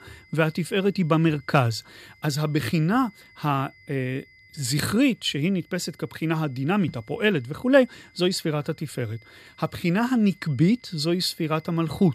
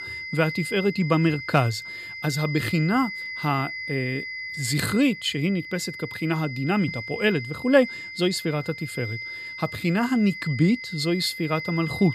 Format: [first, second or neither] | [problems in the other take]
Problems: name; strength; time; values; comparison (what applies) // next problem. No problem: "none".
first | high-pitched whine; loud; throughout; 2 kHz, 8 dB below the speech; faint in the first